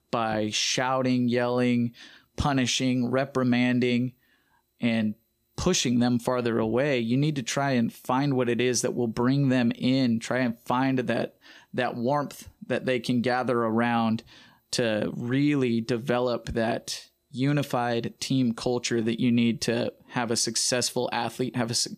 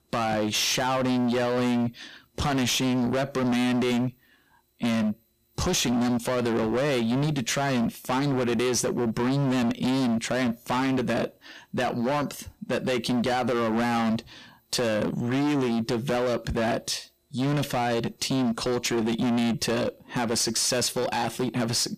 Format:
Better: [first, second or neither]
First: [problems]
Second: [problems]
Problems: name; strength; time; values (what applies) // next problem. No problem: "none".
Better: first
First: none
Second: distortion; heavy; 30% of the sound clipped